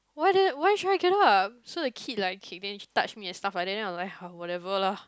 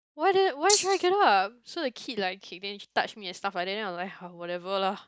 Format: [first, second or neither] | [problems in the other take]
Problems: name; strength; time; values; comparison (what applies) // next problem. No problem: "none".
first | noise reduction (neural mask model DeepFilterNet 3)